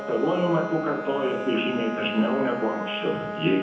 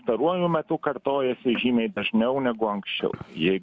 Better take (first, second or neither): second